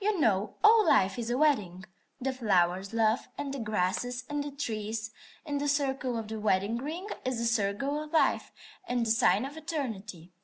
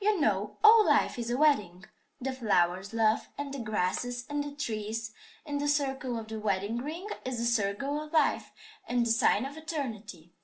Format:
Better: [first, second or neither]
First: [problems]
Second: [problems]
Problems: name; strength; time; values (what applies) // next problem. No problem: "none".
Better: first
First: none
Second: room echo; dies away in 0.2 s